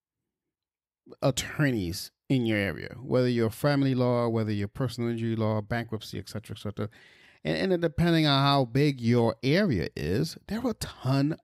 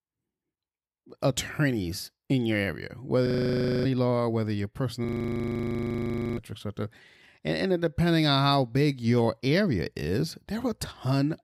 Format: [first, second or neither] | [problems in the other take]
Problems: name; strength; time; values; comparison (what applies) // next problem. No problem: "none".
first | audio freezing; at 3.5 s for 0.5 s and at 5 s for 1.5 s